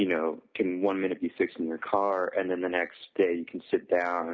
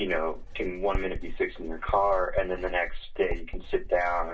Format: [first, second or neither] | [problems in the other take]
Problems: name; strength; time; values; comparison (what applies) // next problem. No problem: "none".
first | background sound (Writing); 5 dB below the speech // room echo; dies away in 0.1 s